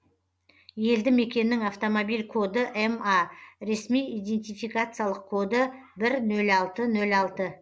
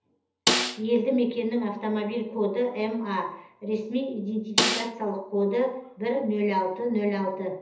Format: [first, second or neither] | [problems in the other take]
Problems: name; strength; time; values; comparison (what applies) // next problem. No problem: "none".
first | background sound (Snare drum); as loud as the speech // room echo; dies away in 0.7 s